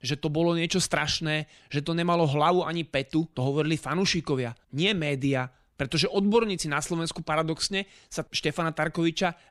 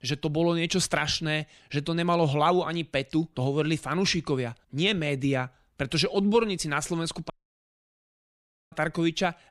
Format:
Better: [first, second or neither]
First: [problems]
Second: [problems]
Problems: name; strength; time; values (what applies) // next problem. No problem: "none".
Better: first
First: none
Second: audio cutting out; at 7.5 s for 1.5 s